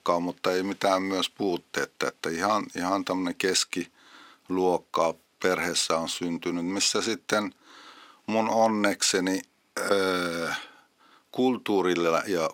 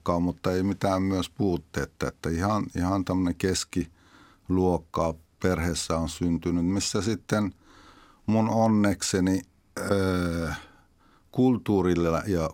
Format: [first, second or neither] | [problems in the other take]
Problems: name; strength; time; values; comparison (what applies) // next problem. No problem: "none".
second | thin; somewhat; fading below 350 Hz